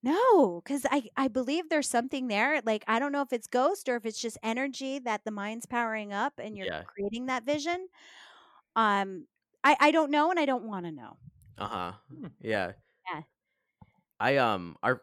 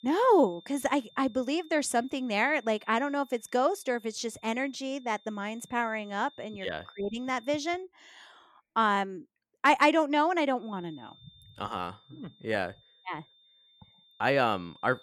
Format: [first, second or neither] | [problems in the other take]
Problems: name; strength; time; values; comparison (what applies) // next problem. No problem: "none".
first | high-pitched whine; faint; until 8 s and from 11 s on; 3.5 kHz, 25 dB below the speech